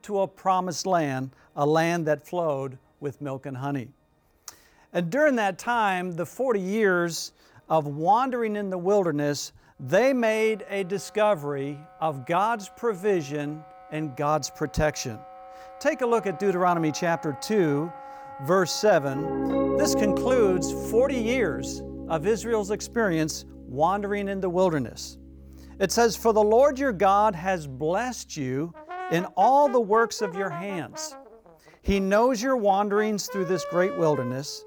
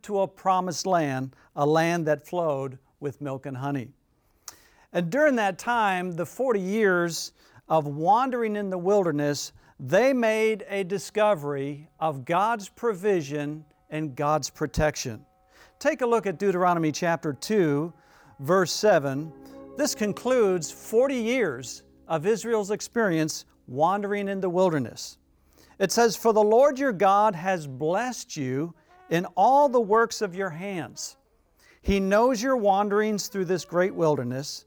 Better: second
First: background music; loud; throughout; 9 dB below the speech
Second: background music; faint; throughout; 30 dB below the speech

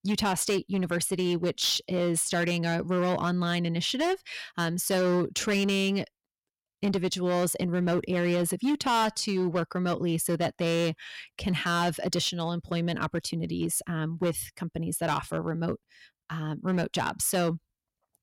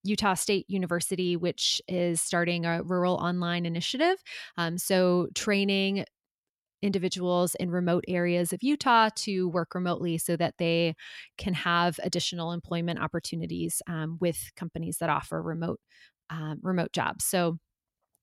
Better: second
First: distortion; slight; 10% of the sound clipped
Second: none

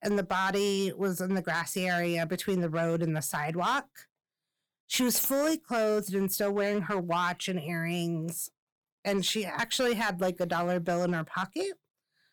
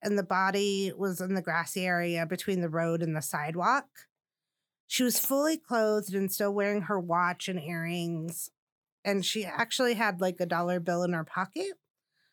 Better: second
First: distortion; slight; 6% of the sound clipped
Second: none

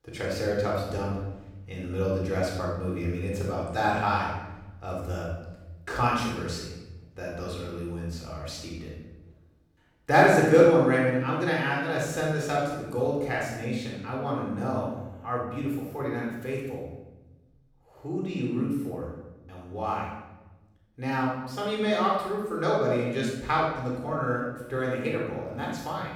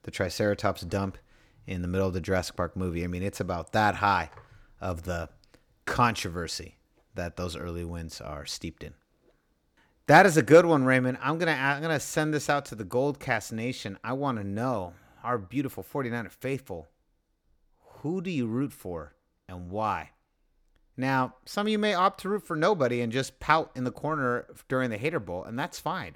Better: second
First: off-mic speech; far // room echo; strong; dies away in 1 s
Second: none

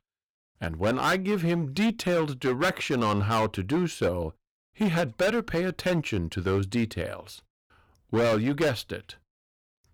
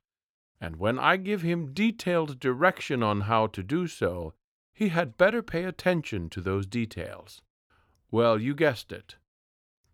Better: second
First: distortion; heavy; 11% of the sound clipped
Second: none

